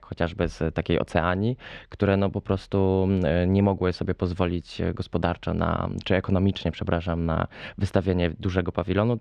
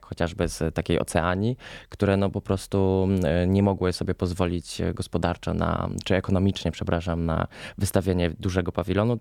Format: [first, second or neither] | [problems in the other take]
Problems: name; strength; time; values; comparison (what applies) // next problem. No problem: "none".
second | muffled; very slightly; fading above 3 kHz